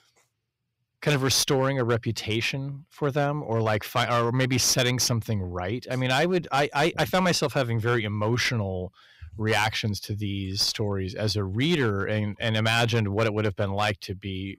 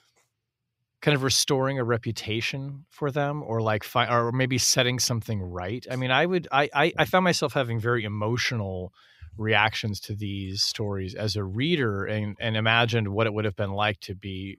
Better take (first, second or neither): second